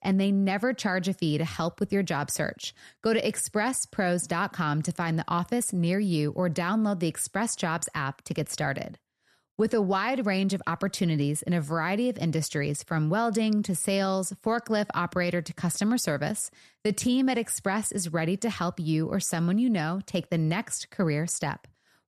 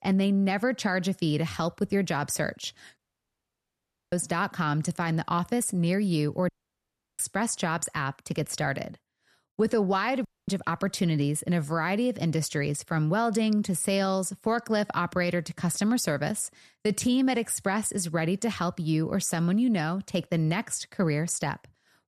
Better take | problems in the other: first | audio cutting out; at 3 s for 1 s, at 6.5 s for 0.5 s and at 10 s

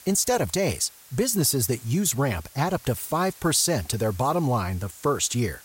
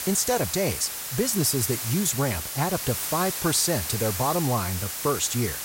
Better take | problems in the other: first | hiss; loud; throughout; 4 dB below the speech; faint in the first

